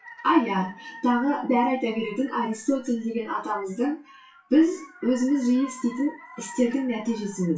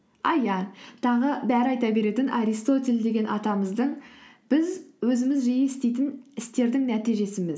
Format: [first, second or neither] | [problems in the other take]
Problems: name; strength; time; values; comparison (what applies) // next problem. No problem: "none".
second | noise reduction (classical method WPE with log-MMSE)